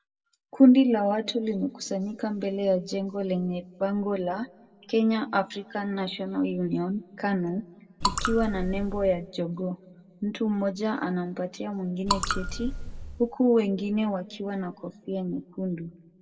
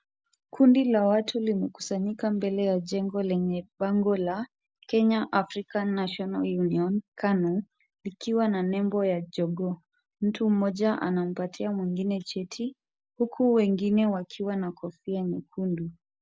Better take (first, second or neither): second